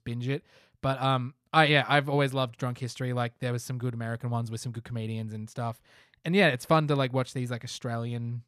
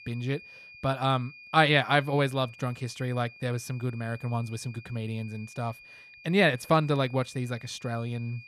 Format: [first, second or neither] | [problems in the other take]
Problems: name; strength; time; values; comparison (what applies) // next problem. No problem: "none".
first | high-pitched whine; noticeable; throughout; 2.5 kHz, 20 dB below the speech